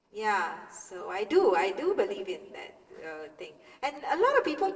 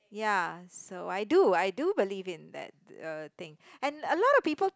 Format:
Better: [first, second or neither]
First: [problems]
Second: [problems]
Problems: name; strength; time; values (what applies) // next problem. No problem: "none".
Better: second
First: noise reduction (neural separator model SepFormer DNS4)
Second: none